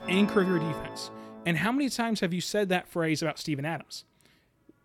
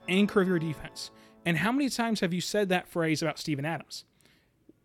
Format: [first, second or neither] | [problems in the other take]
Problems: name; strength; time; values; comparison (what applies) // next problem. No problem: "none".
second | background music; loud; throughout; 10 dB below the speech; faint in the second